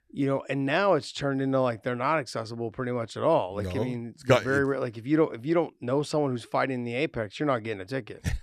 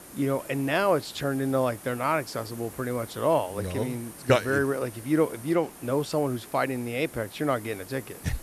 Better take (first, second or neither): first